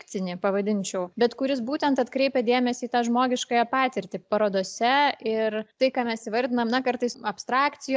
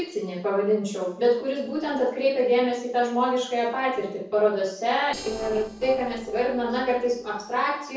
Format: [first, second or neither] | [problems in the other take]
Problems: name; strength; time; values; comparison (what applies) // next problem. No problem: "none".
first | noise reduction (neural separator model SepFormer DNS4)